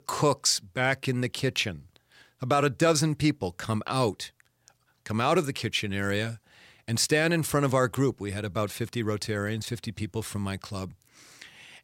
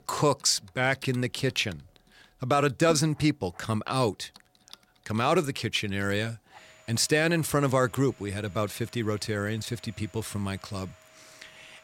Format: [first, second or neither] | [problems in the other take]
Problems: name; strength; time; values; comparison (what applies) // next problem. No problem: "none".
first | household noises; faint; throughout; 25 dB below the speech